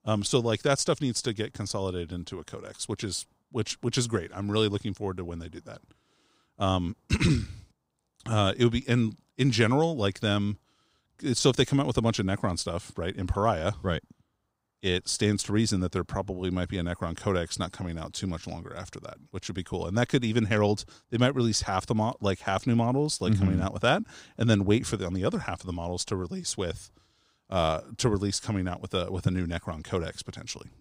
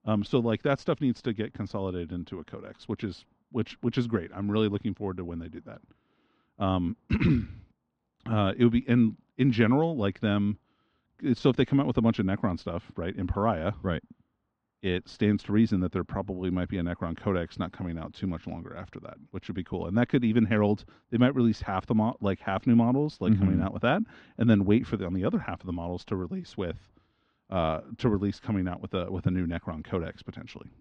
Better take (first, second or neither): first